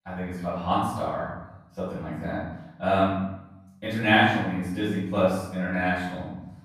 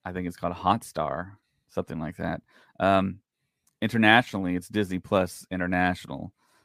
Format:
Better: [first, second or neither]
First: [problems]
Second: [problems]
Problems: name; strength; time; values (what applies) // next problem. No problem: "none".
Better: second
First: room echo; strong; dies away in 0.8 s // off-mic speech; far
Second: none